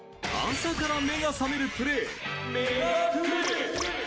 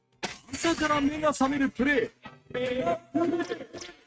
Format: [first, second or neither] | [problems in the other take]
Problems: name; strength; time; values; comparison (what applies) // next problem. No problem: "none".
first | noise reduction (neural mask model RNNoise)